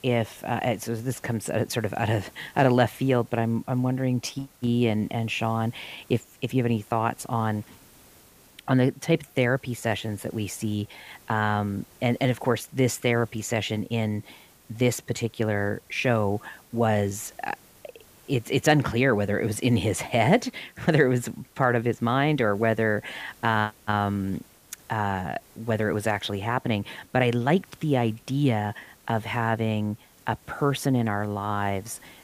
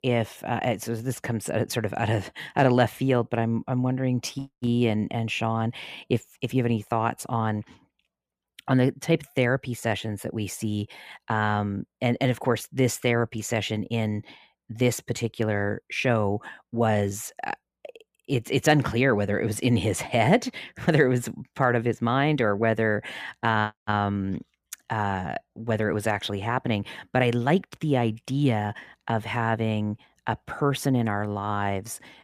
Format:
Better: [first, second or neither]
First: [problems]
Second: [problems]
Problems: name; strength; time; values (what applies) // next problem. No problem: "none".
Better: second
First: hiss; faint; throughout; 25 dB below the speech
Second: none